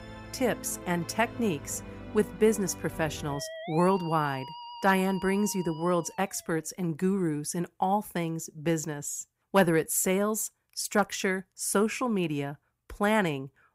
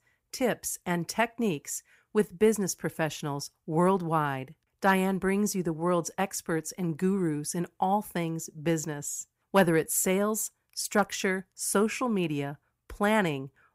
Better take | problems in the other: second | background music; noticeable; until 6 s; 15 dB below the speech

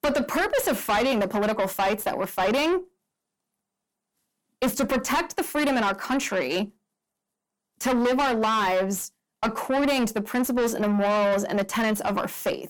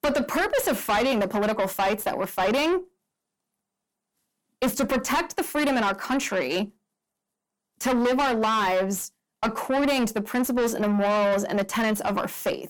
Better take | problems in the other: neither | distortion; heavy; 7 dB below the speech; the same in both

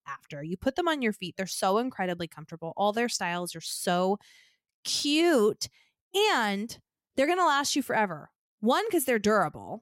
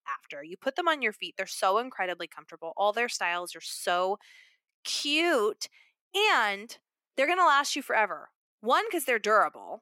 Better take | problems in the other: first | thin; somewhat; fading below 300 Hz

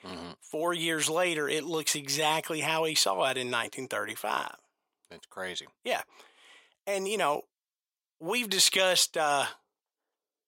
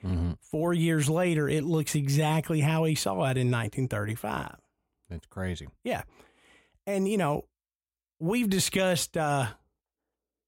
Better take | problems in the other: second | thin; very; fading below 450 Hz

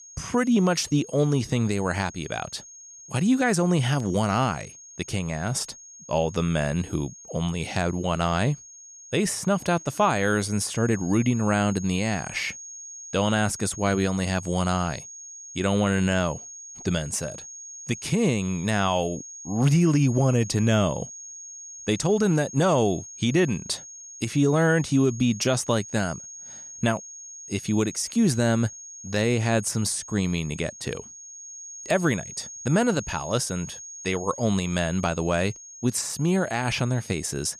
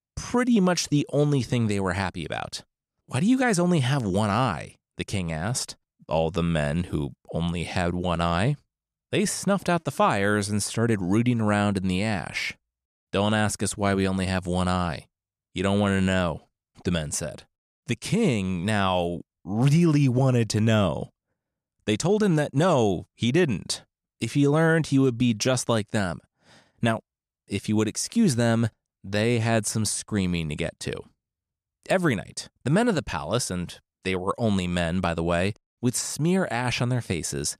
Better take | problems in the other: second | high-pitched whine; noticeable; throughout; 6.5 kHz, 15 dB below the speech

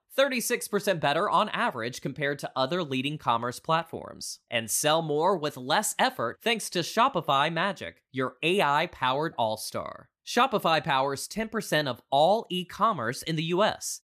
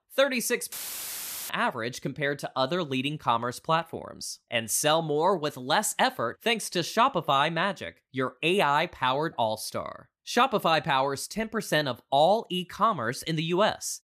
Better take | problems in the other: first | audio cutting out; filled with static; at 0.5 s for 1 s

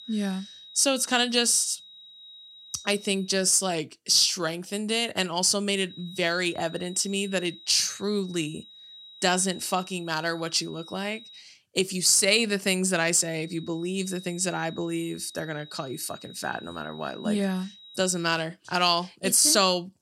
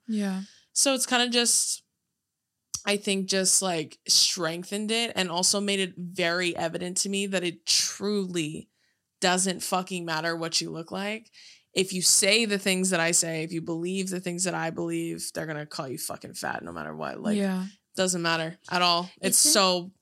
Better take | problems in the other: second | high-pitched whine; noticeable; until 3.5 s, from 6 to 11 s and from 13 to 18 s; 4 kHz, 20 dB below the speech

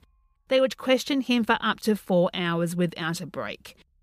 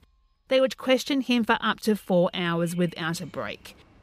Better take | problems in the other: first | animal sounds; faint; throughout; 30 dB below the speech

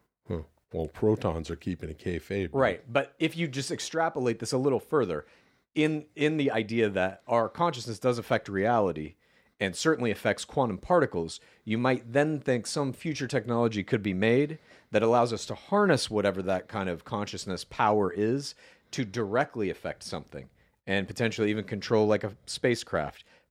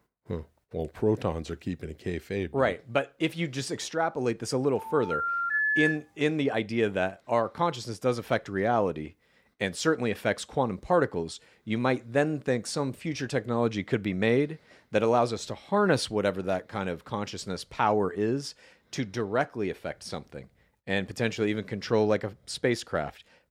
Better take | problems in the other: first | phone ringing; loud; from 5 to 6 s; peak 5 dB above the speech

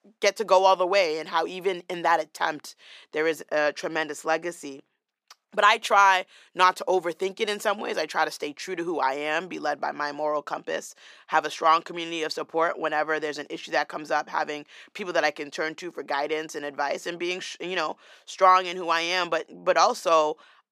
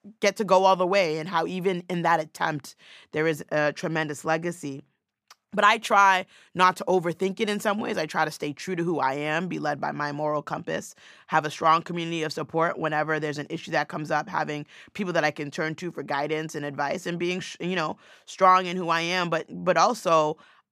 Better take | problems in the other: second | thin; somewhat; fading below 400 Hz

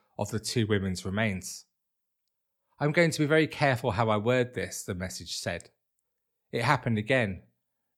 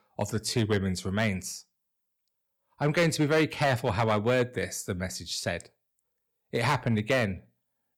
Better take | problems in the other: first | distortion; slight; 3% of the sound clipped

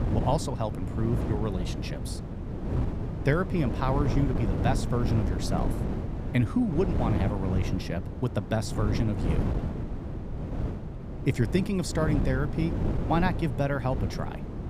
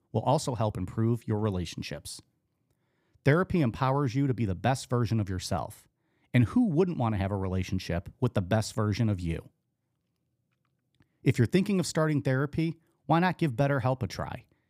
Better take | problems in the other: second | wind noise on the microphone; heavy; 6 dB below the speech

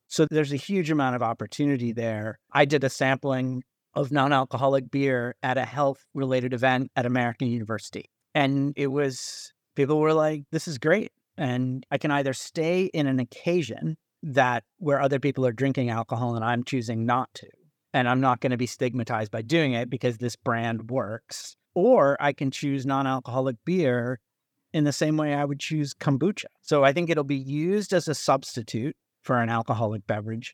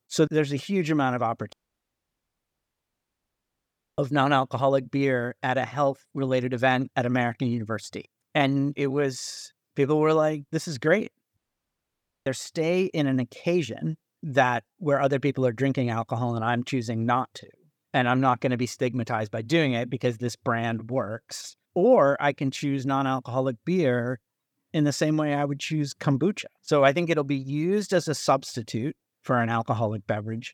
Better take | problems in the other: first | audio cutting out; at 1.5 s for 2.5 s and at 11 s for 1 s

